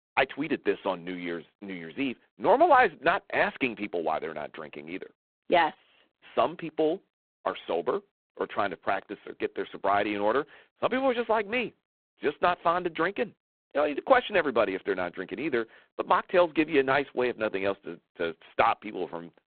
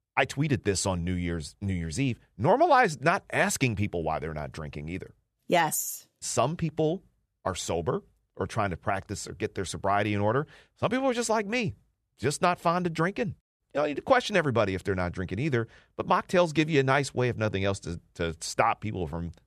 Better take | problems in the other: second | phone-call audio; poor line; nothing above 4 kHz

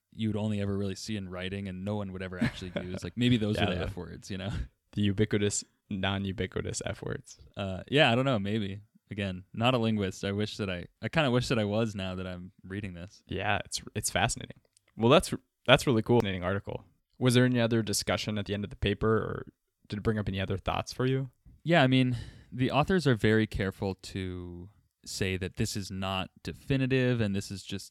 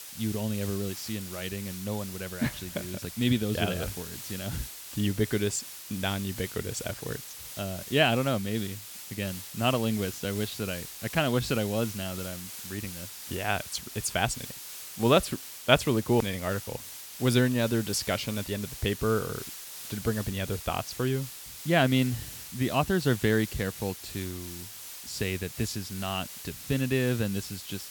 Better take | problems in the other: first | hiss; loud; throughout; 10 dB below the speech

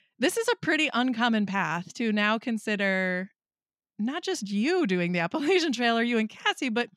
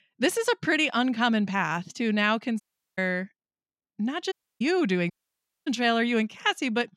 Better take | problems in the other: first | audio cutting out; at 2.5 s, at 4.5 s and at 5 s for 0.5 s

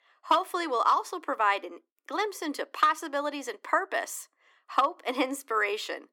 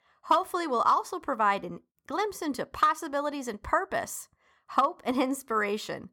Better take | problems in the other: second | thin; very slightly; fading below 300 Hz

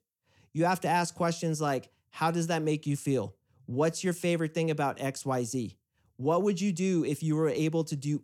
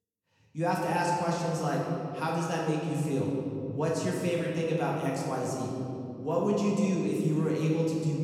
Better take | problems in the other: first | room echo; noticeable; dies away in 2.4 s // off-mic speech; far

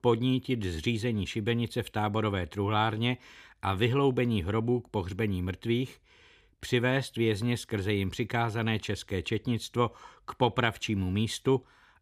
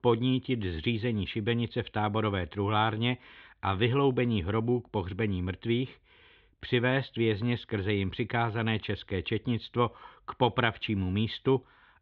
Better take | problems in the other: first | muffled; slightly; fading above 3.5 kHz

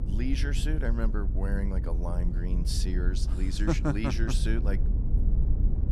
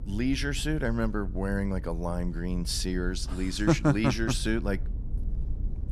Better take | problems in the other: second | low rumble; loud; throughout; 9 dB below the speech; faint in the second

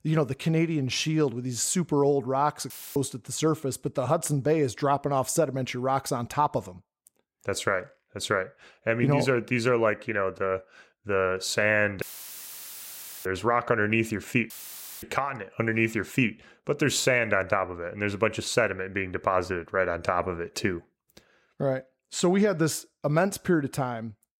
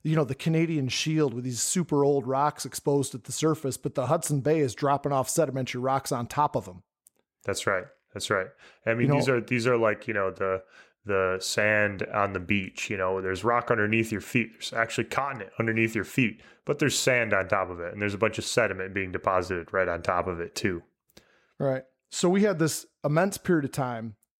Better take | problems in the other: second | audio cutting out; filled with static; at 2.5 s, at 12 s for 1 s and at 15 s for 0.5 s

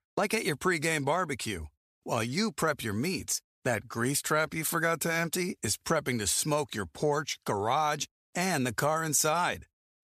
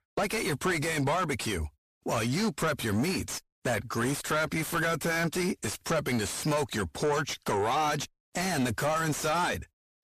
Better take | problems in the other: first | distortion; heavy; 5 dB below the speech

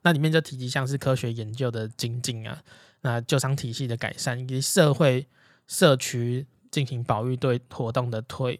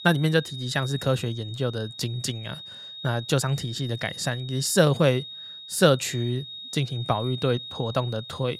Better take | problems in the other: first | high-pitched whine; noticeable; throughout; 3.5 kHz, 10 dB below the speech

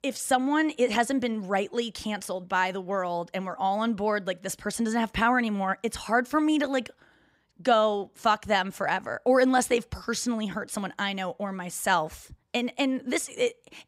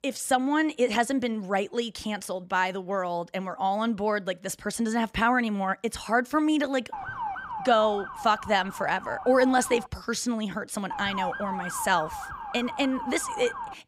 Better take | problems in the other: first | siren; noticeable; from 7 to 10 s and from 11 s on; peak 5 dB below the speech

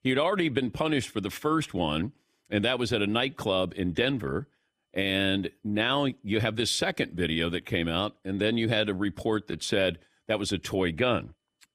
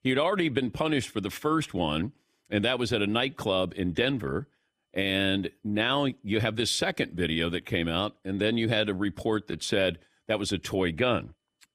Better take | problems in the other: neither | none

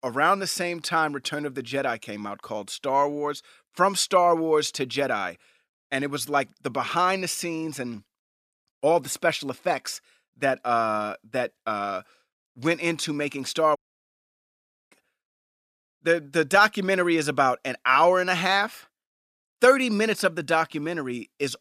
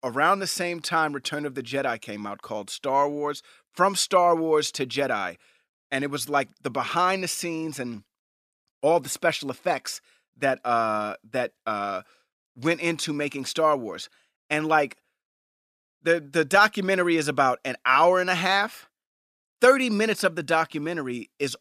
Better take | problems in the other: second | audio cutting out; at 14 s for 1 s

